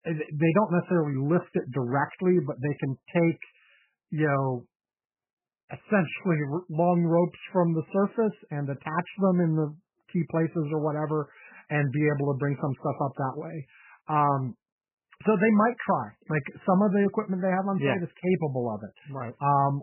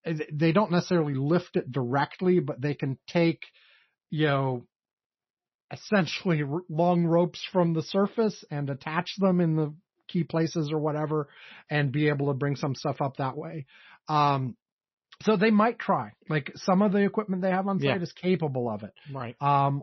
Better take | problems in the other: second | garbled, watery; badly; nothing above 3 kHz; slightly in the second

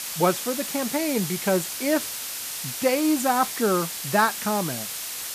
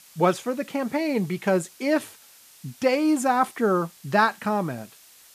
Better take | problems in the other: second | hiss; loud; throughout; 5 dB below the speech; faint in the second

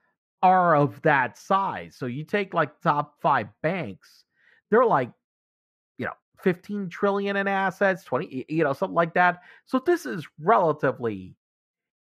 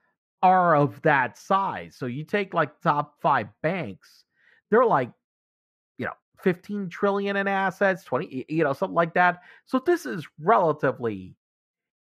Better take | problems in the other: neither | muffled; slightly; fading above 4 kHz; the same in both

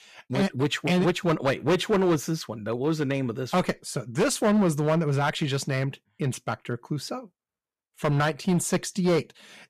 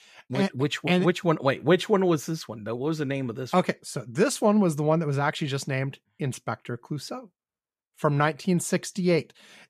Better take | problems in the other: second | distortion; slight; 7% of the sound clipped

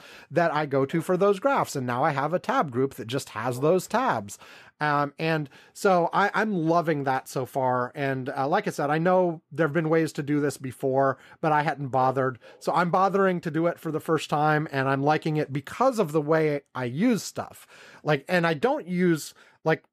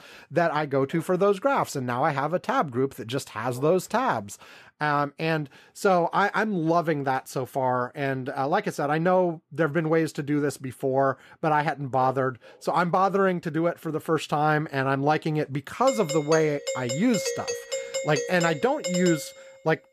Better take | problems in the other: first | doorbell; noticeable; from 16 to 19 s; peak 4 dB below the speech

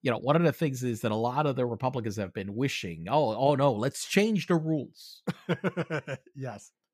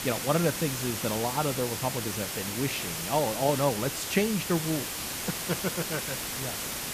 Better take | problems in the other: first | hiss; loud; throughout; 2 dB below the speech

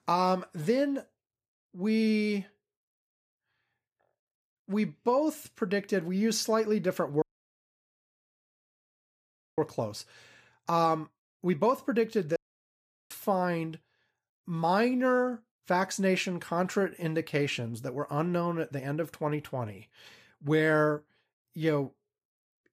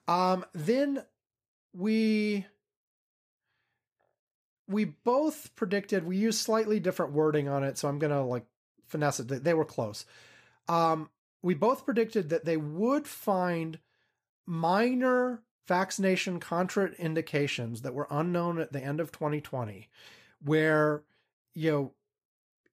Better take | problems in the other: second | audio cutting out; at 7 s for 2.5 s and at 12 s for 0.5 s

